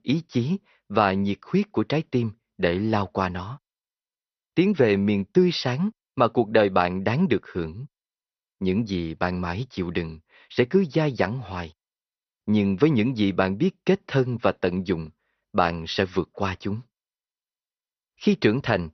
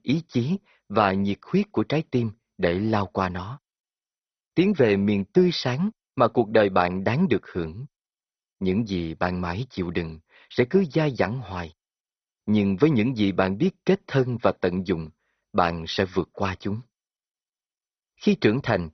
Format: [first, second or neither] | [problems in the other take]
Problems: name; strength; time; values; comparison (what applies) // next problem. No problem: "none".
first | garbled, watery; badly; nothing above 6 kHz; slightly in the first